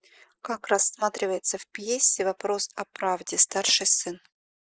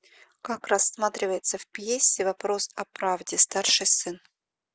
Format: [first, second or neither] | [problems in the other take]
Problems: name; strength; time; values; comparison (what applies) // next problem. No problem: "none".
second | noise reduction (neural mask model Resemble Enhance denoiser)